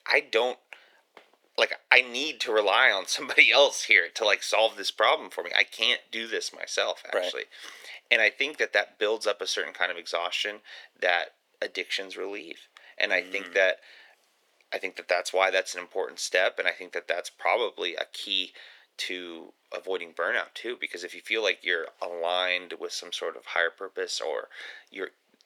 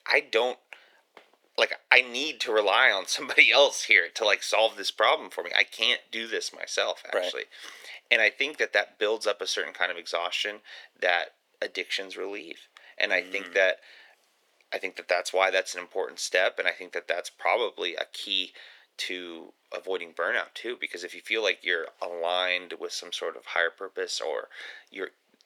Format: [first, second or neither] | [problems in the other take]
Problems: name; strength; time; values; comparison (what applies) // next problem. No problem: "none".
neither | thin; very; fading below 450 Hz; the same in both